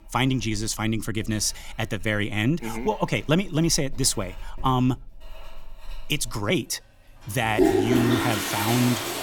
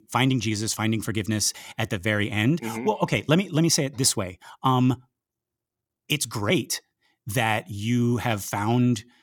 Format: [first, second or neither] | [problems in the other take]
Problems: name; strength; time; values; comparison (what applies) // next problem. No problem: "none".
second | household noises; very loud; throughout; 1 dB above the speech